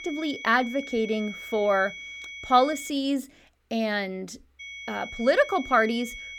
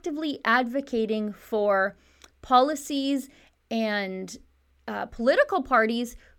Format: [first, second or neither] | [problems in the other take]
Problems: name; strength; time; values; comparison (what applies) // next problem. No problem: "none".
second | high-pitched whine; noticeable; until 3 s and from 4.5 s on; 2 kHz, 10 dB below the speech